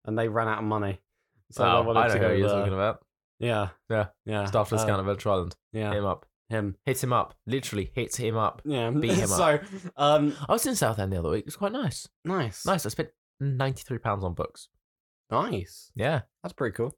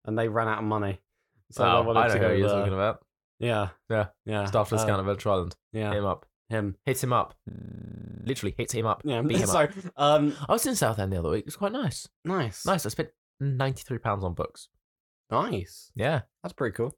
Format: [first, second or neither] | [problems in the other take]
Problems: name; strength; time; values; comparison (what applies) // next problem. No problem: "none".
first | audio freezing; at 7.5 s for 1 s